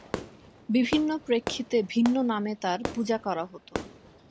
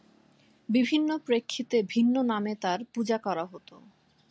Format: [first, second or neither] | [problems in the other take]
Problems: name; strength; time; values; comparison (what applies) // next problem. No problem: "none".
second | background sound (Fireworks); 11 dB below the speech